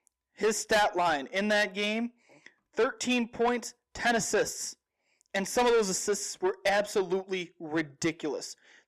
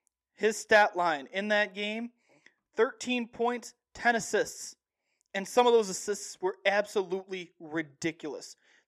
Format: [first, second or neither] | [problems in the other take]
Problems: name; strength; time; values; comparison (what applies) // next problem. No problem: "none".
second | distortion; heavy; 7 dB below the speech